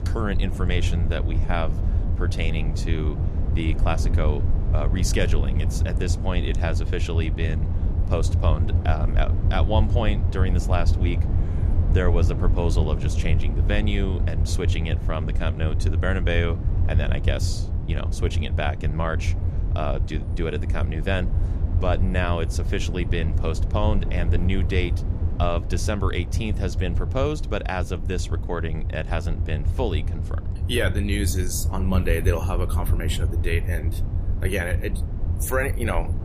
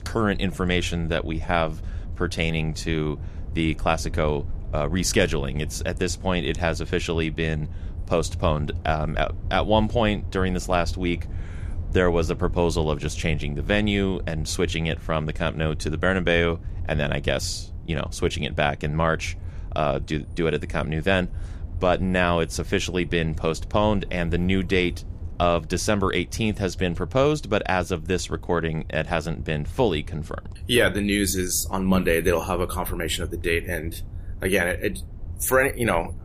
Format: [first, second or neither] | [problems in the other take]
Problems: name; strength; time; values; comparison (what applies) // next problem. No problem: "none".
second | low rumble; loud; throughout; 10 dB below the speech; faint in the second